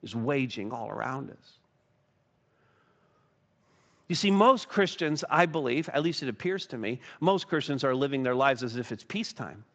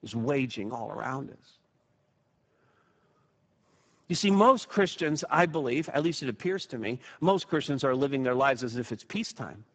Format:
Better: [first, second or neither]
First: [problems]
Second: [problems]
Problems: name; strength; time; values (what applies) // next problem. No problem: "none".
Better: first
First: garbled, watery; slightly; nothing above 7.5 kHz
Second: garbled, watery; badly; nothing above 7.5 kHz